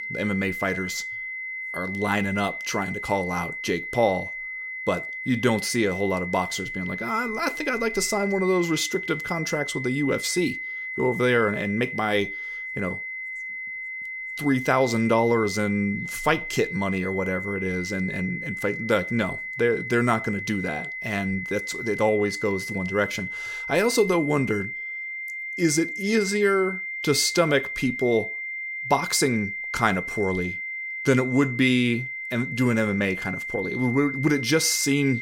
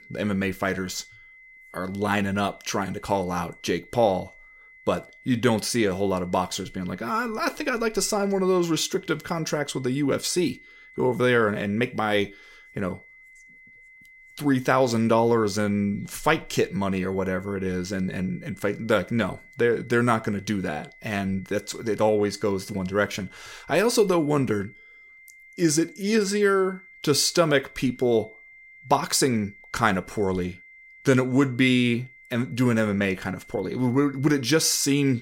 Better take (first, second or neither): second